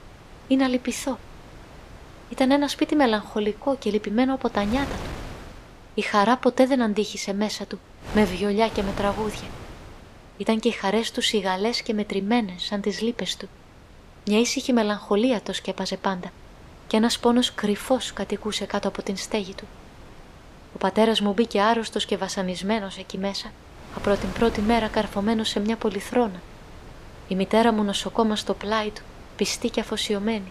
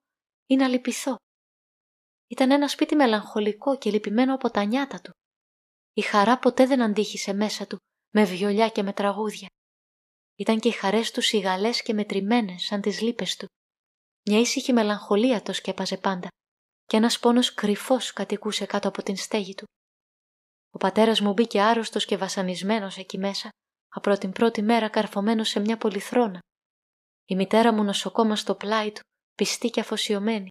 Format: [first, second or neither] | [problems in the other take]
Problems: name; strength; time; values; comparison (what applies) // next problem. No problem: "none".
second | wind noise on the microphone; occasional gusts; 20 dB below the speech